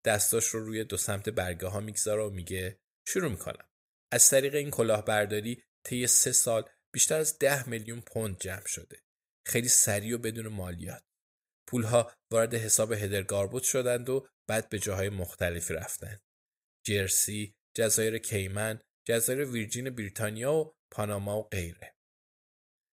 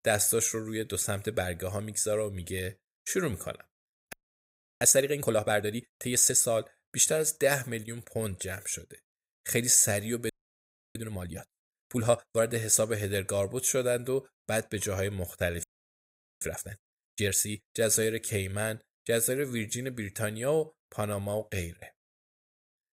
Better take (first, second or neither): first